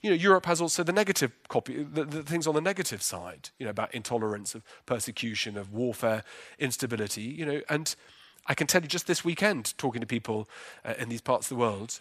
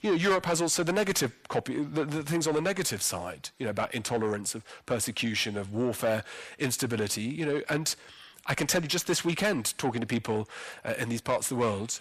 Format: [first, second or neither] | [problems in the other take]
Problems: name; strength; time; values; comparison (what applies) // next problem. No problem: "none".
first | distortion; heavy; 7 dB below the speech